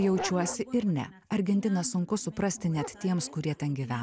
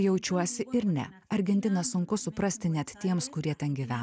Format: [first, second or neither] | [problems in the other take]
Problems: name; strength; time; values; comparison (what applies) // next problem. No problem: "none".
second | background sound (Dog); 15 dB below the speech